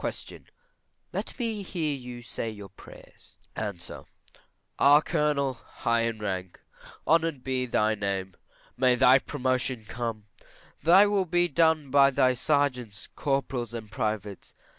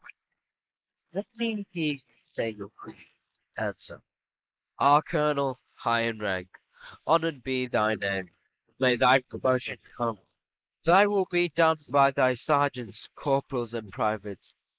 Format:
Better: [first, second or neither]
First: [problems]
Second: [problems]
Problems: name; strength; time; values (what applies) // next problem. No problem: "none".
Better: first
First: none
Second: noise reduction (neural mask model Resemble Enhance denoiser)